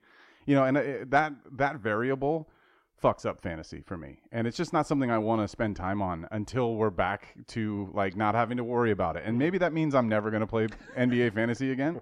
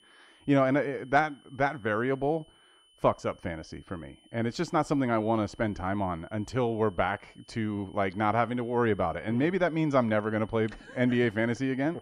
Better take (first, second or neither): first